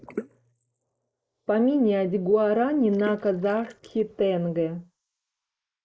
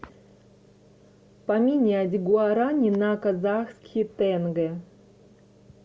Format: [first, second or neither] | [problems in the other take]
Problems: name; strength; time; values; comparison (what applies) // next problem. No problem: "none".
second | noise reduction (neural mask model Resemble Enhance denoiser)